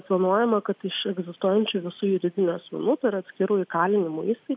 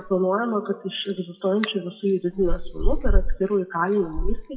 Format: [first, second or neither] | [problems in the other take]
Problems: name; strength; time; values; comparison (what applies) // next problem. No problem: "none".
first | noise reduction (classical method WPE with log-MMSE)